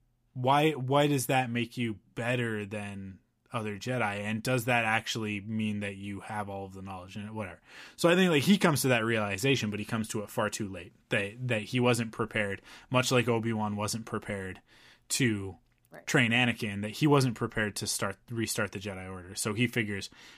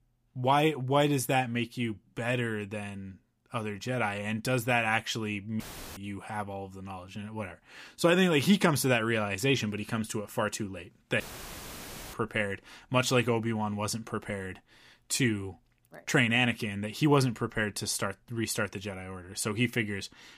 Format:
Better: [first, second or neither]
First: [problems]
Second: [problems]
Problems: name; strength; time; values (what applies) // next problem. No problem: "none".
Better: first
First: none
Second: audio cutting out; filled with static; at 5.5 s and at 11 s for 1 s